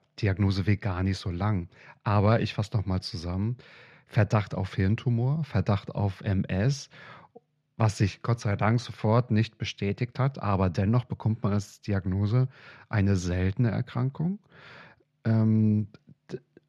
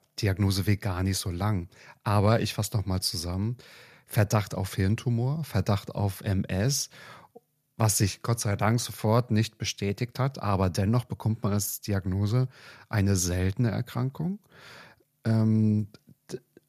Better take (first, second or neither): second